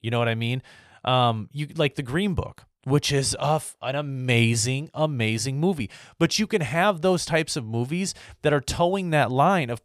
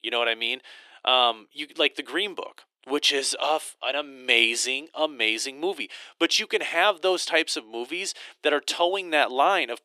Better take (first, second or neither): first